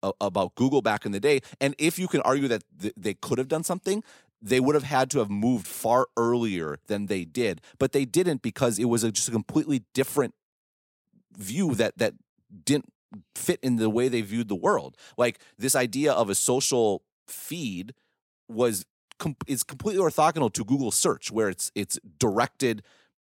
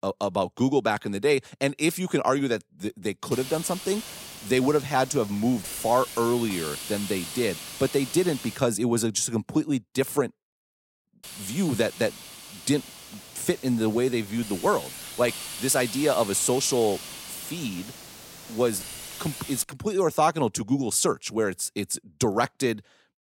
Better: first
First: none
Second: hiss; noticeable; from 3.5 to 8.5 s and from 11 to 20 s; 10 dB below the speech

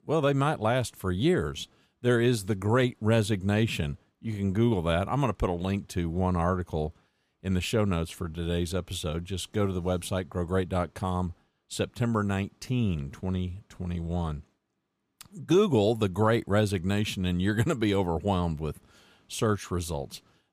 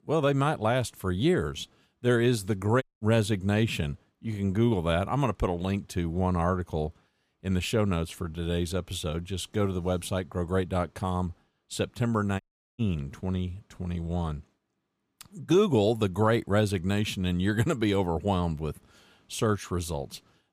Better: first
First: none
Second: audio cutting out; at 3 s and at 12 s

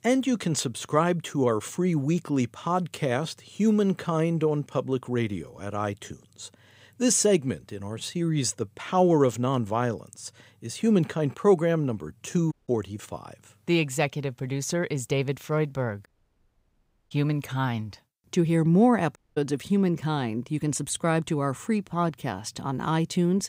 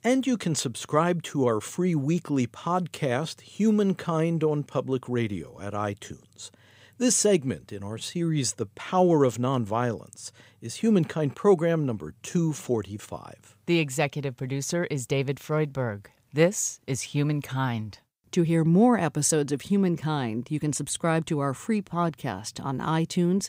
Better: second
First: audio cutting out; at 13 s, at 16 s for 1 s and at 19 s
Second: none

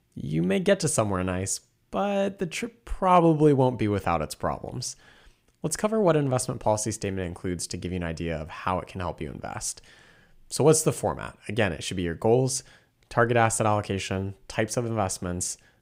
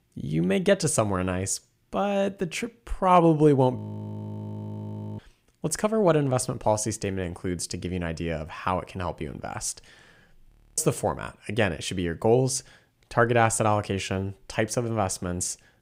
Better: first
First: none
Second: audio freezing; at 4 s for 1.5 s and at 10 s

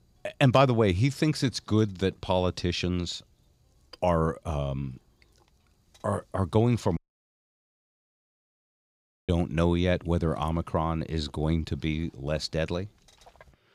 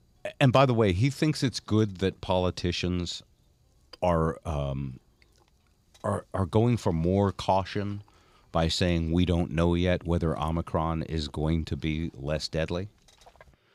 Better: second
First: audio cutting out; at 7 s for 2.5 s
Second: none

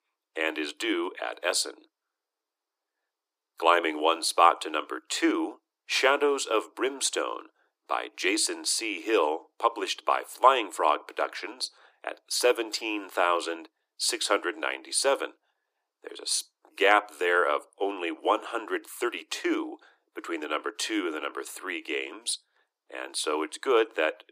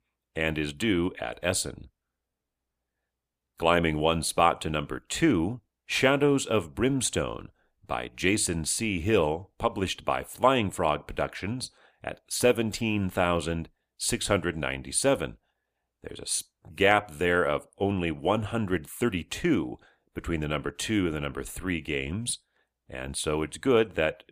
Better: second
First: thin; very; fading below 300 Hz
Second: none

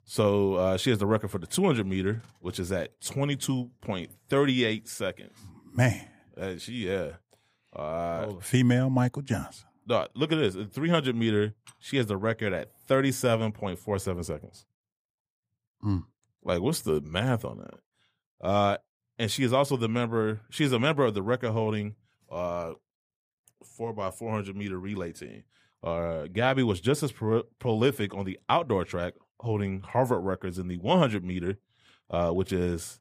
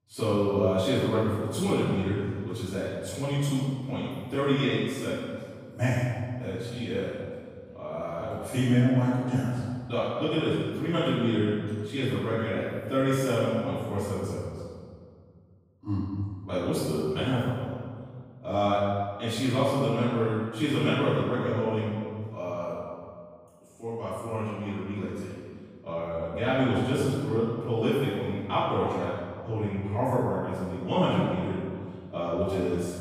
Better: first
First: none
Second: off-mic speech; far // room echo; strong; dies away in 1.8 s

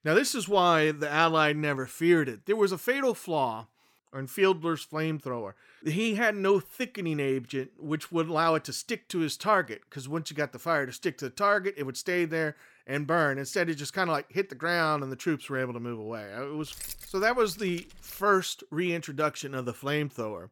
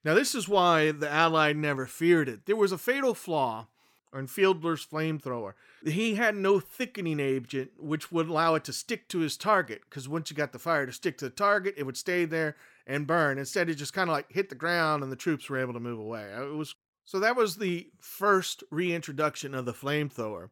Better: second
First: jangling keys; faint; from 17 to 18 s; peak 10 dB below the speech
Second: none

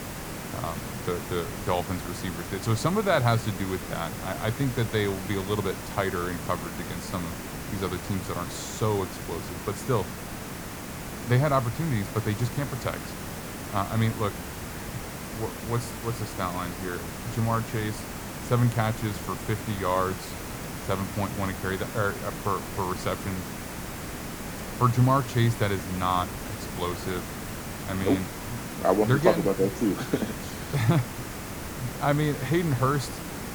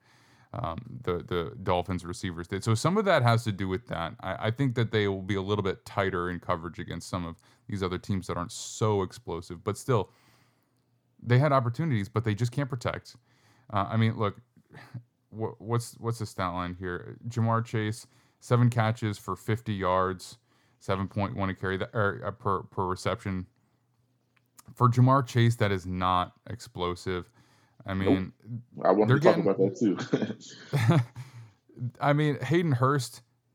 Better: second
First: hiss; loud; throughout; 7 dB below the speech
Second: none

